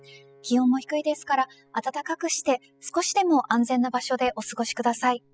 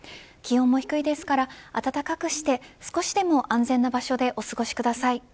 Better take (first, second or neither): second